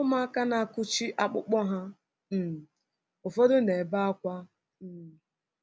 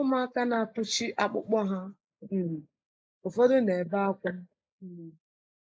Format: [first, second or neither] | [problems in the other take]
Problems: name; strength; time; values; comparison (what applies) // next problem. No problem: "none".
first | noise reduction (neural mask model Resemble Enhance denoiser)